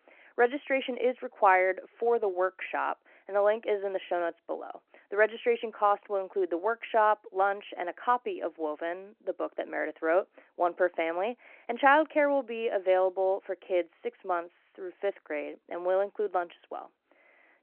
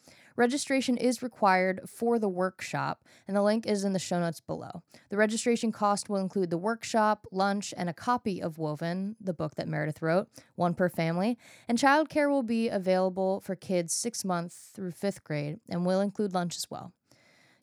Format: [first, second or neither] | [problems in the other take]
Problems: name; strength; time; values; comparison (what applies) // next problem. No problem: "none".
second | phone-call audio